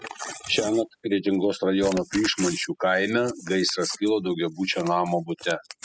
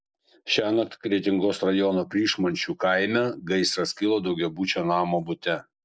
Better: second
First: noise reduction (classical method spectral subtraction)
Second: none

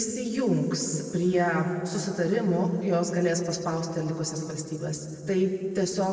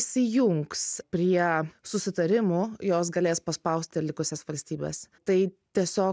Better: second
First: room echo; dies away in 2.1 s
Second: none

